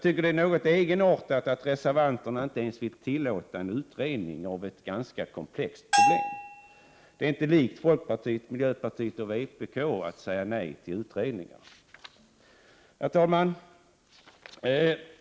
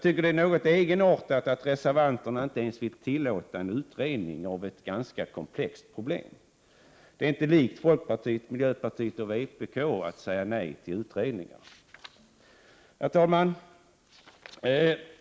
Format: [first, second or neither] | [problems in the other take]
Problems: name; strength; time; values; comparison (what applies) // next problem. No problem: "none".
second | background sound (Bell); 1 dB above the speech